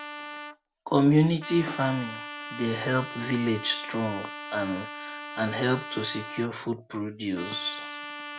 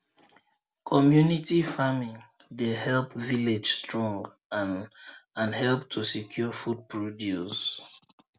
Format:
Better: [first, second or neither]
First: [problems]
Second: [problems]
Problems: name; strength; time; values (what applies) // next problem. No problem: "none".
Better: second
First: background sound (Trumpet); 11 dB below the speech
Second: none